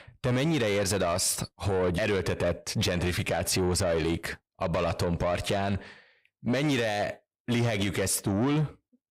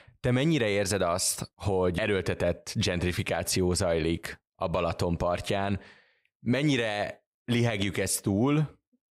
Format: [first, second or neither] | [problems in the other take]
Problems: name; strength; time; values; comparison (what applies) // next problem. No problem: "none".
second | distortion; slight; 10 dB below the speech